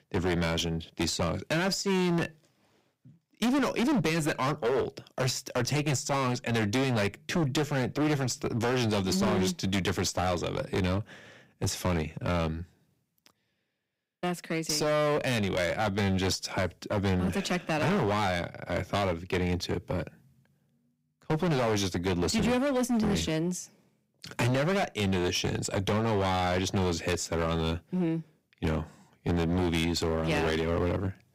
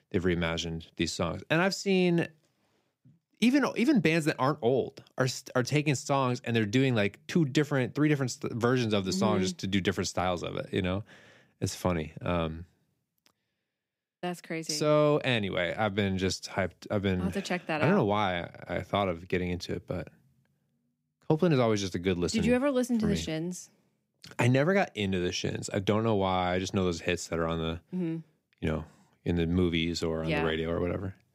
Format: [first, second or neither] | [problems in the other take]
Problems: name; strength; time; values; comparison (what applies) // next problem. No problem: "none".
second | distortion; heavy; 18% of the sound clipped